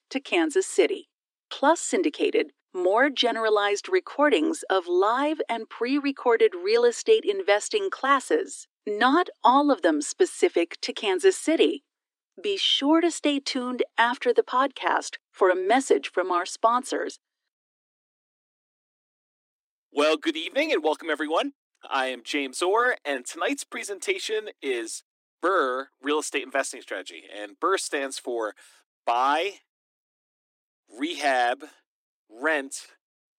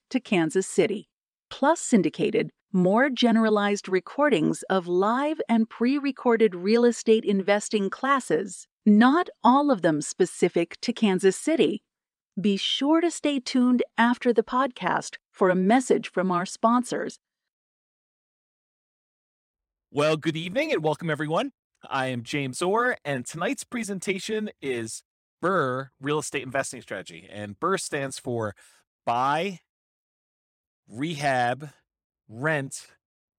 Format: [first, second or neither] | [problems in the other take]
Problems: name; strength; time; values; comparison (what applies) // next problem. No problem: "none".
second | thin; somewhat; fading below 300 Hz